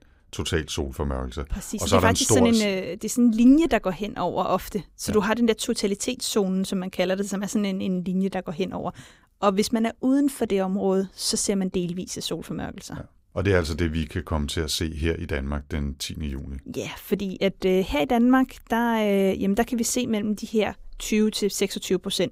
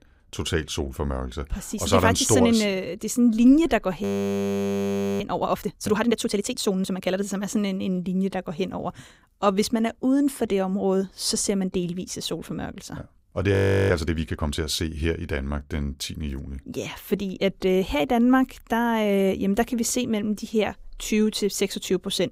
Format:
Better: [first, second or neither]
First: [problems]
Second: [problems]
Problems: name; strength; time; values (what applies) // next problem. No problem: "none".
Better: first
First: none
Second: audio freezing; at 4 s for 1 s and at 14 s